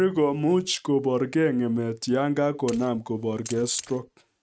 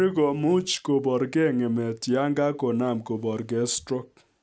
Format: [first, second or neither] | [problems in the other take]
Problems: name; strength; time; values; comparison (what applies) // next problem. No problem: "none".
second | noise reduction (neural mask model RNNoise)